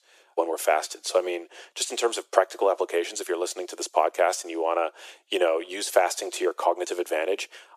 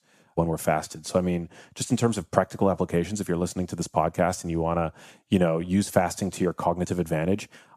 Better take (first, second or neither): second